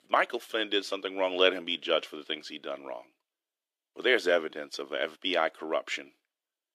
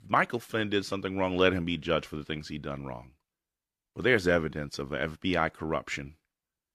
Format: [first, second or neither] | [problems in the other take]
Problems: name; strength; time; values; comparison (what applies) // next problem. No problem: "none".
second | thin; somewhat; fading below 350 Hz